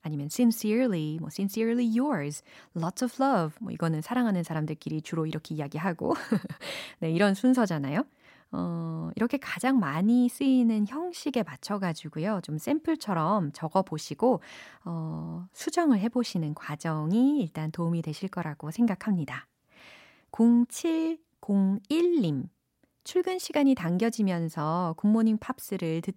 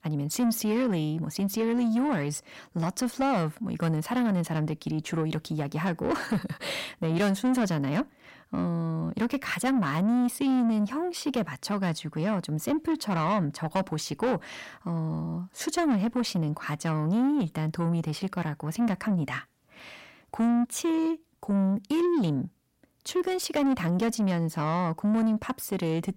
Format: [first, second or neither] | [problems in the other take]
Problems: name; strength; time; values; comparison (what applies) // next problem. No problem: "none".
first | distortion; slight; 10 dB below the speech